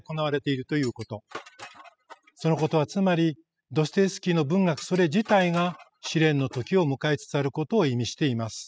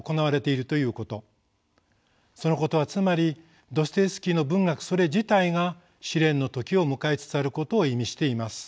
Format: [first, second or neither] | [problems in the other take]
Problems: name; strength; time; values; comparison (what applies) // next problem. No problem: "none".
second | noise reduction (classical method spectral subtraction)